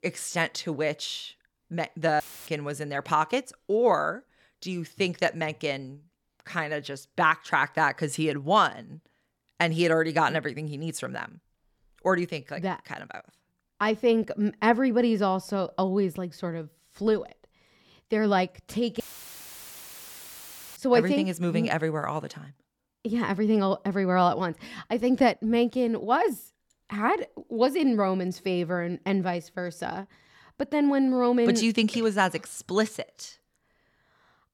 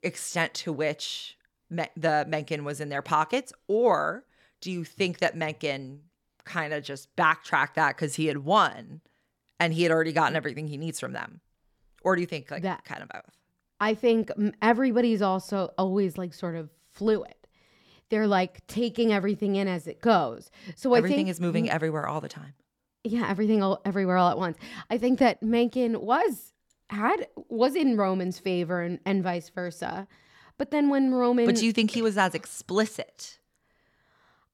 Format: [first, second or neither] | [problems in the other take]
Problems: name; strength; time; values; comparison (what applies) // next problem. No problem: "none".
second | audio cutting out; filled with static; at 2 s and at 19 s for 2 s